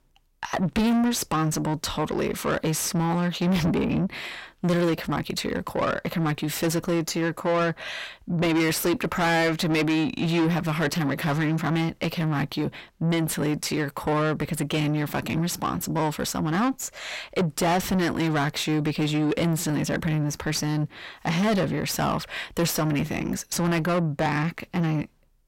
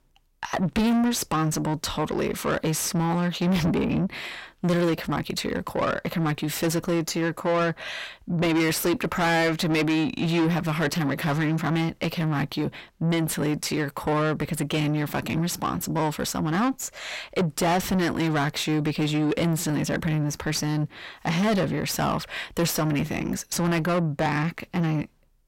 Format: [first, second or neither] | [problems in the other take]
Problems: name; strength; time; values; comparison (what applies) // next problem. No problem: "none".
neither | distortion; heavy; 5 dB below the speech; the same in both